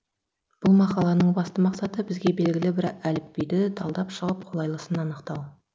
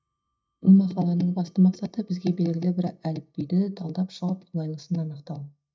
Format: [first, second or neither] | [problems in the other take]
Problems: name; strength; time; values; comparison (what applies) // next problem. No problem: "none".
first | noise reduction (neural mask model DeepFilterNet 3)